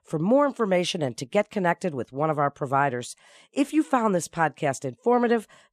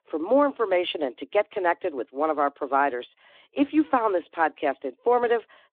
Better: first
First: none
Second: phone-call audio

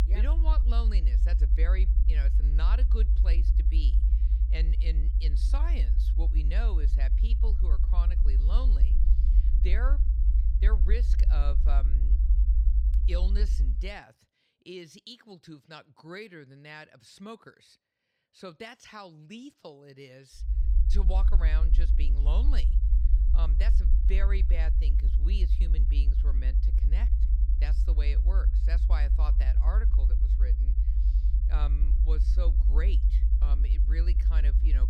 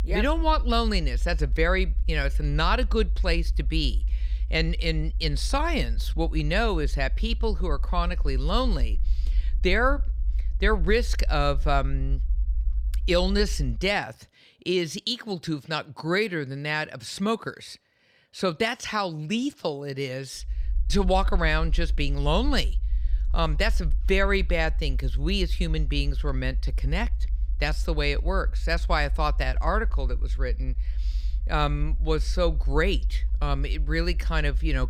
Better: second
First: low rumble; loud; until 14 s and from 21 s on; 5 dB below the speech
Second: low rumble; faint; until 14 s and from 21 s on; 25 dB below the speech

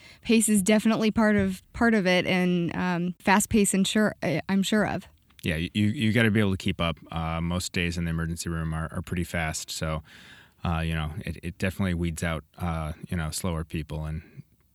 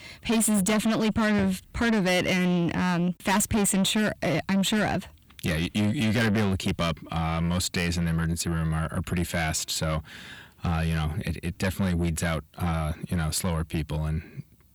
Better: first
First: none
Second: distortion; heavy; 7 dB below the speech

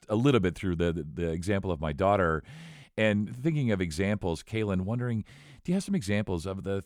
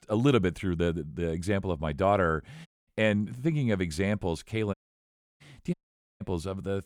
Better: first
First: none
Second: audio cutting out; at 2.5 s, at 4.5 s for 0.5 s and at 5.5 s

